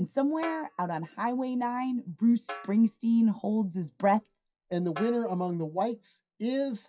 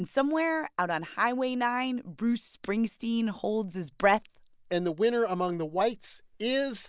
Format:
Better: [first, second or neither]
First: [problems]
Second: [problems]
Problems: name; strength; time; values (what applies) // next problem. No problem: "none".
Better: second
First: noise reduction (classical method WPE with log-MMSE)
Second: none